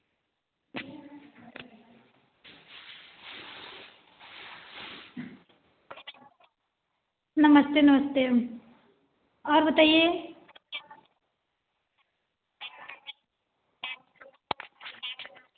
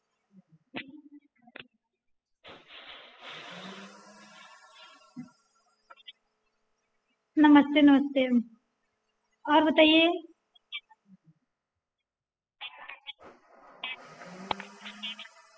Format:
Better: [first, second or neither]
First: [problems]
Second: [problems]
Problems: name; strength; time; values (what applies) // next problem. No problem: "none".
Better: first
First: none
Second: noise reduction (classical method spectral subtraction)